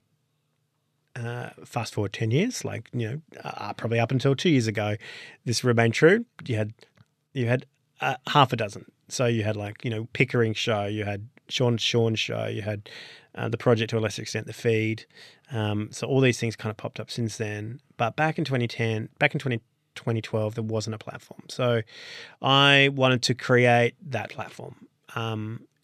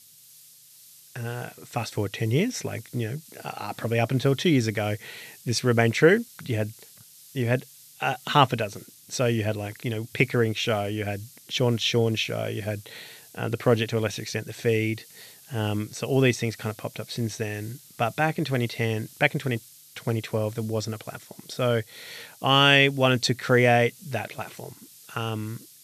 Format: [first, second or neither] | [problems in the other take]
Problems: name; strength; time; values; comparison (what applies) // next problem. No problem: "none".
first | hiss; faint; throughout; 20 dB below the speech